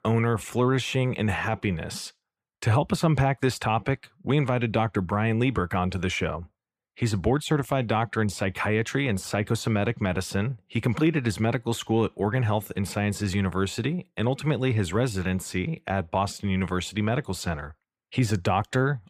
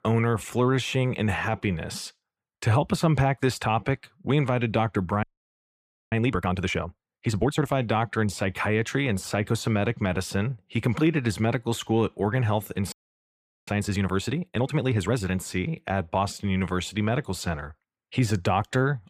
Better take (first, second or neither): first